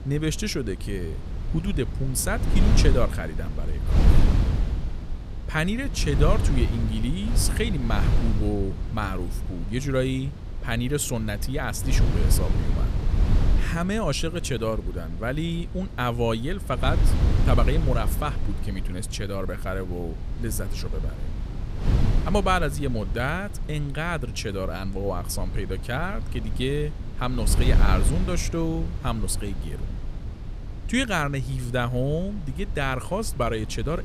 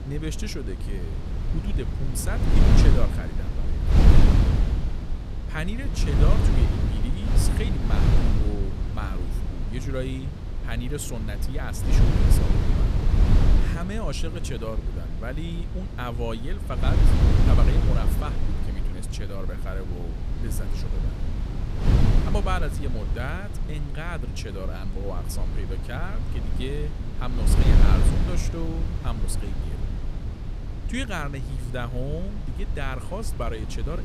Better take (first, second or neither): first